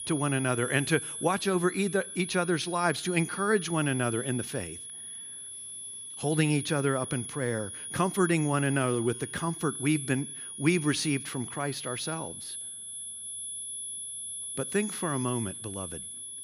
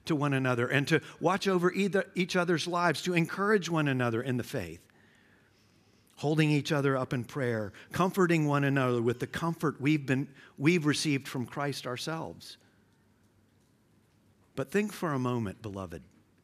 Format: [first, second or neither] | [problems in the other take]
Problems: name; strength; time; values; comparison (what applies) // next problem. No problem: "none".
second | high-pitched whine; loud; throughout; 10.5 kHz, 7 dB below the speech